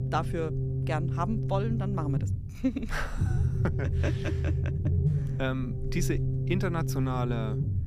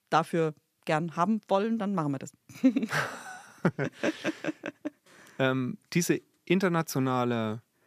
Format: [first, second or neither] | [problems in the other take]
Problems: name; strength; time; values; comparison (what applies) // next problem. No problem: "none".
second | low rumble; loud; throughout; 6 dB below the speech